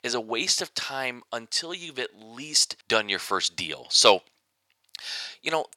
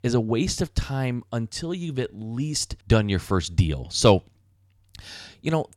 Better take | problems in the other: second | thin; very; fading below 650 Hz

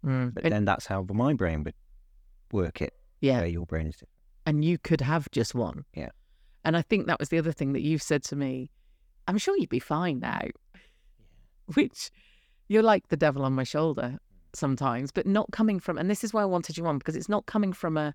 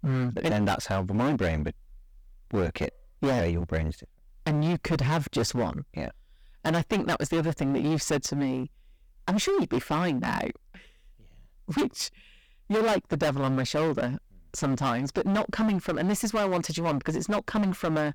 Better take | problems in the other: first | distortion; heavy; 16% of the sound clipped

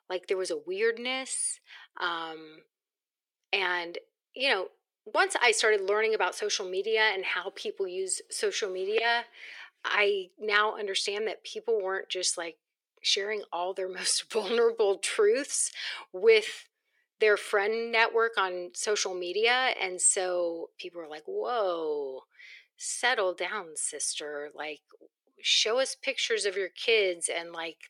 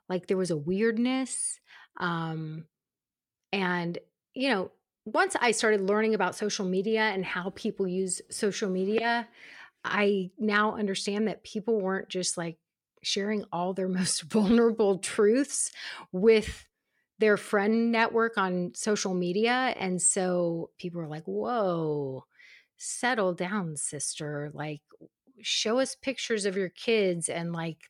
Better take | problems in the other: second | thin; very; fading below 400 Hz

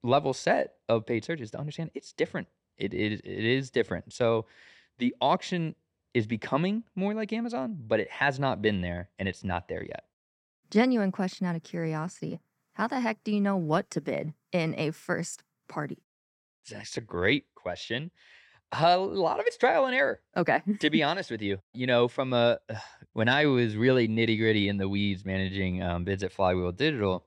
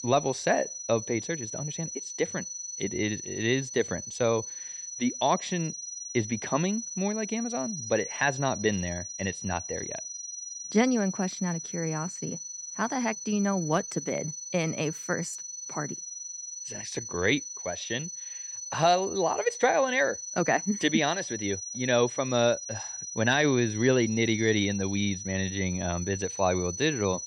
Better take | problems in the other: first | high-pitched whine; loud; throughout; 6 kHz, 7 dB below the speech

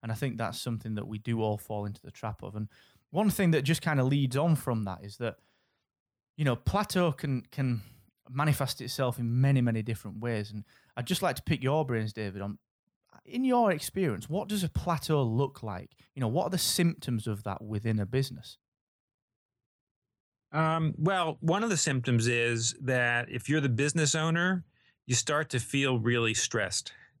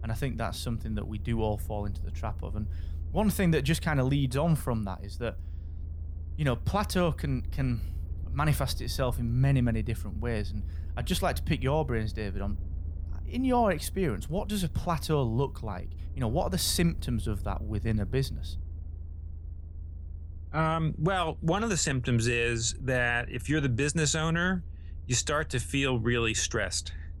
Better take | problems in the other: first | low rumble; faint; throughout; 25 dB below the speech

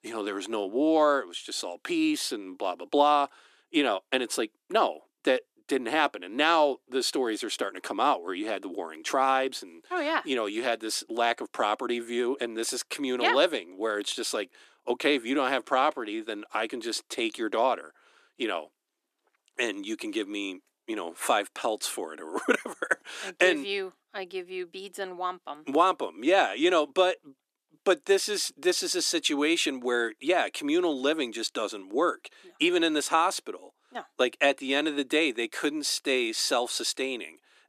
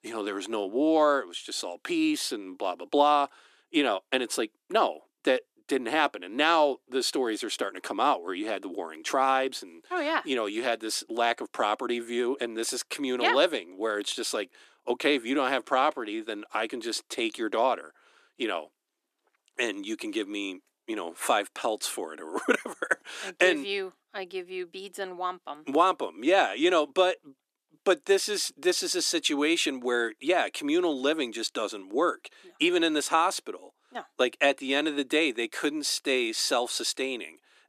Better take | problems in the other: neither | thin; somewhat; fading below 300 Hz; the same in both

